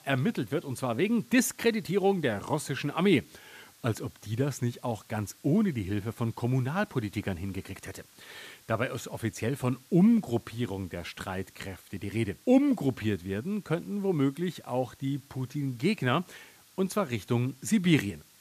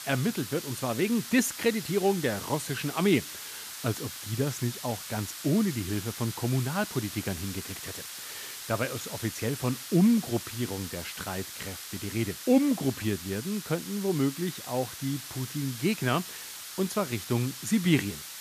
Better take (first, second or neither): first